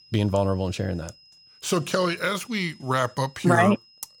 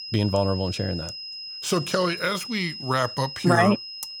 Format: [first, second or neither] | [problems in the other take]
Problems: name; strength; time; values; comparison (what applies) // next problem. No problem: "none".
first | high-pitched whine; loud; throughout; 5 kHz, 9 dB below the speech; faint in the first